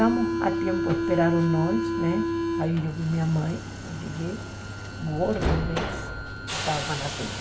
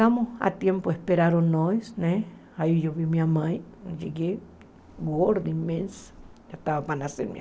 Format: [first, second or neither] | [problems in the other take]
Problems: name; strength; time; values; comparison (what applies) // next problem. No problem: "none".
second | background sound (Subway, metro, underground); 1 dB below the speech // room echo; dies away in 3 s